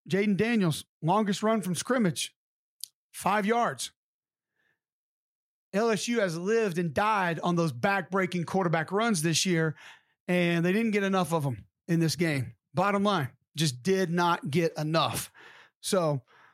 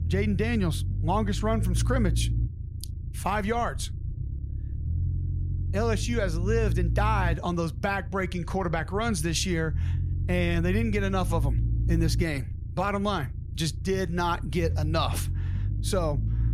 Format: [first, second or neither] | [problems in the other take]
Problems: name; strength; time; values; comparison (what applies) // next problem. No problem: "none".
first | low rumble; noticeable; throughout; 15 dB below the speech